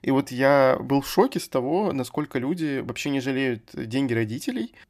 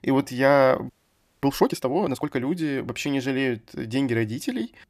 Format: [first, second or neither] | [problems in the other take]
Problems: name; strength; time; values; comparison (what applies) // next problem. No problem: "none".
first | audio freezing; at 1 s for 0.5 s